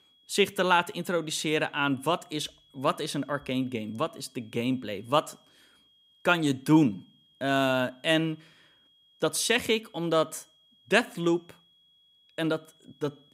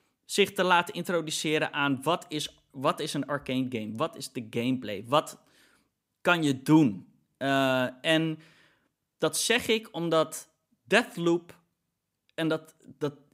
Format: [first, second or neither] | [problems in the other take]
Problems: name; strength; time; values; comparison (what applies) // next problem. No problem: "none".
second | high-pitched whine; faint; throughout; 3.5 kHz, 35 dB below the speech